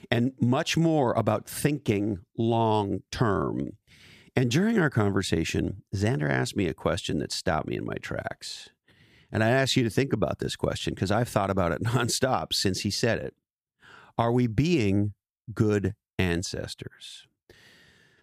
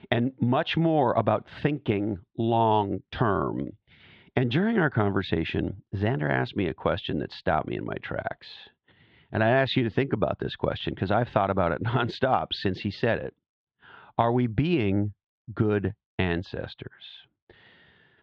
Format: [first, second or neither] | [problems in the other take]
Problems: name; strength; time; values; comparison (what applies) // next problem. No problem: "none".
first | muffled; very; fading above 3.5 kHz